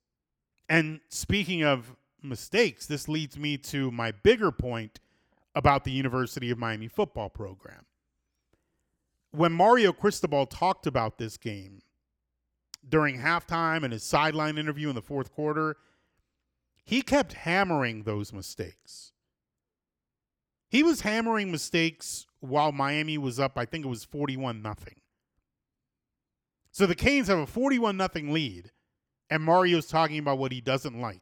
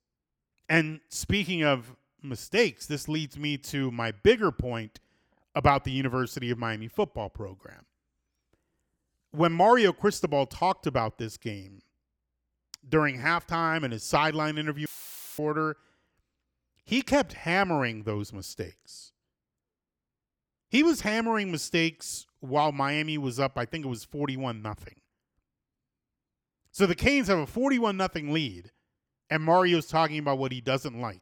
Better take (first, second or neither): first